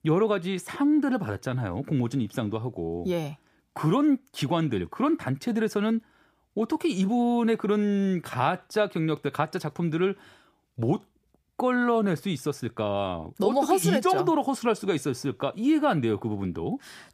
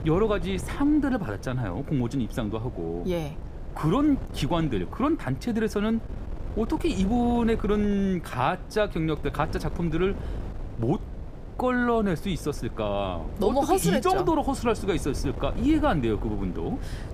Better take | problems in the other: first | wind noise on the microphone; occasional gusts; 15 dB below the speech

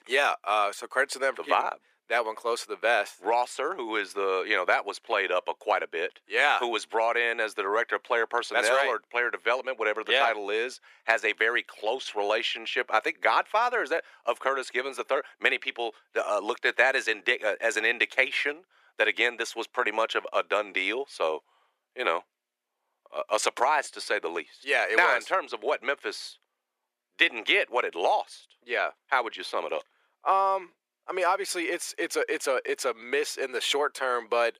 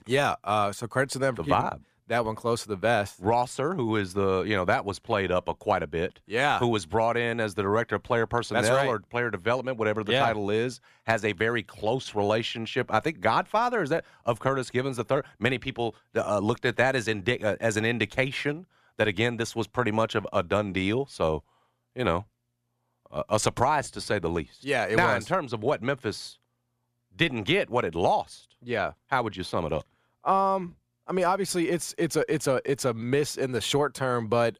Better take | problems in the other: second | thin; very; fading below 350 Hz

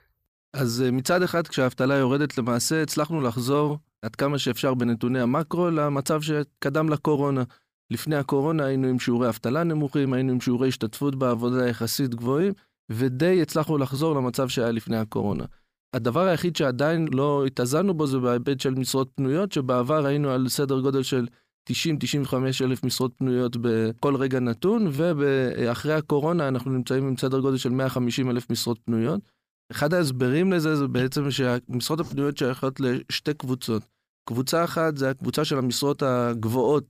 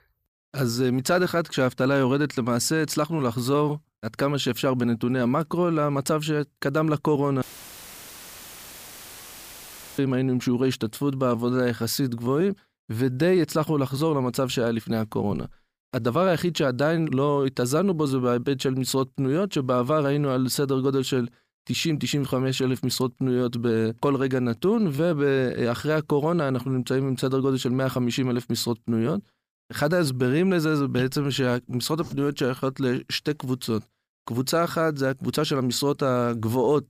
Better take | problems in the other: first | audio cutting out; filled with static; at 7.5 s for 2.5 s

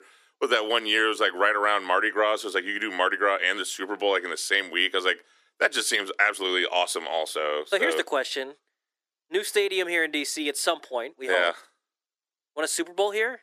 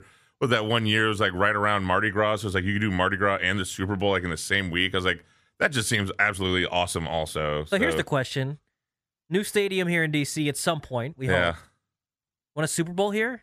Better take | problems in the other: second | thin; very; fading below 300 Hz

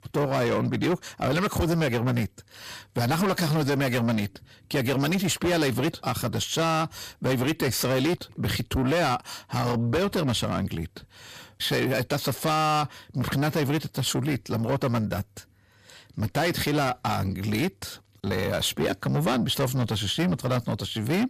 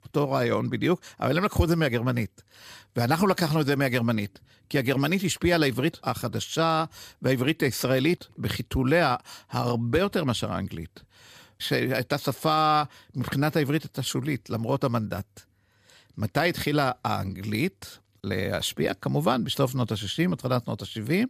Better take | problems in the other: second | distortion; heavy; 7 dB below the speech

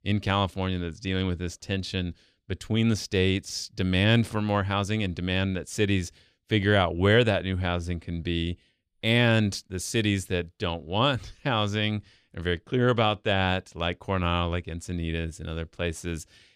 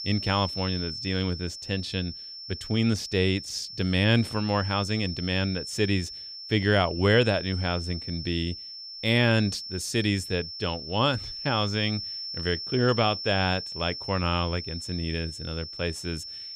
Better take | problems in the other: first | high-pitched whine; loud; throughout; 5.5 kHz, 8 dB below the speech

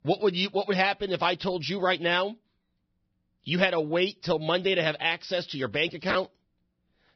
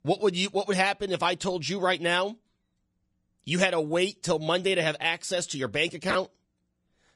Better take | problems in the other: second | garbled, watery; badly; nothing above 5.5 kHz; slightly in the second

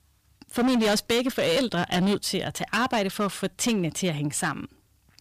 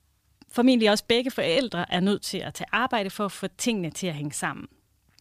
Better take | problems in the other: second | distortion; heavy; 13% of the sound clipped

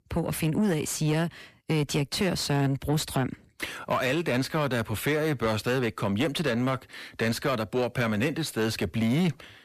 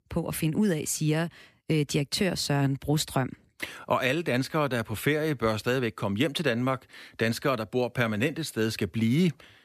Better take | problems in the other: second | distortion; slight; 10 dB below the speech

